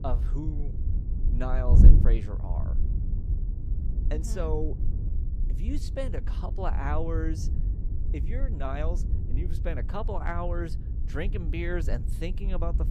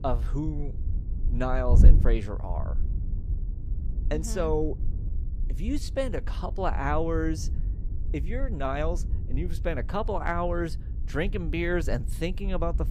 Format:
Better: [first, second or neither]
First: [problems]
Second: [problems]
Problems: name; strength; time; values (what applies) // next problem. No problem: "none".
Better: second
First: wind noise on the microphone; heavy; 8 dB below the speech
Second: wind noise on the microphone; occasional gusts; 15 dB below the speech